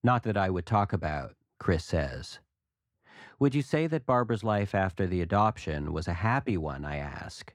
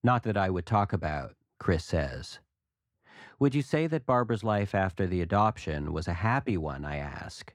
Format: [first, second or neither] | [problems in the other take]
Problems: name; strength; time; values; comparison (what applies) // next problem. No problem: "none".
neither | muffled; slightly; fading above 2.5 kHz; the same in both